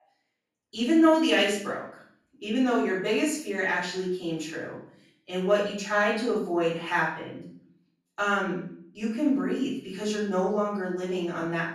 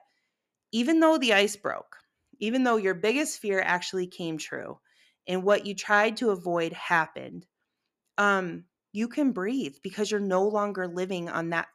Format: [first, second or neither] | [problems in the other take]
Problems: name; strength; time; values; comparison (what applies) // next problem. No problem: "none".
second | off-mic speech; far // room echo; noticeable; dies away in 0.5 s